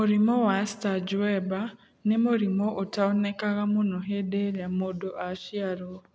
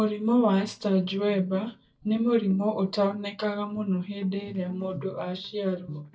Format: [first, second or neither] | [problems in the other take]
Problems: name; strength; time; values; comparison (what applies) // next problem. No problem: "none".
first | noise reduction (neural mask model DeepFilterNet 3)